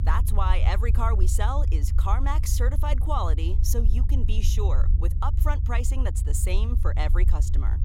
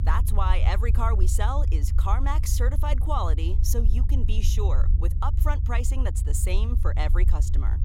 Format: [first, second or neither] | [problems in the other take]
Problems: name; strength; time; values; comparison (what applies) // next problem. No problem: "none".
neither | low rumble; noticeable; throughout; 10 dB below the speech; the same in both